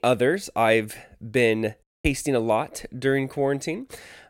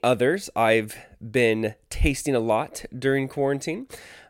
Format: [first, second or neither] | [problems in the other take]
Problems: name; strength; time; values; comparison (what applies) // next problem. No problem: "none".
second | audio cutting out; at 2 s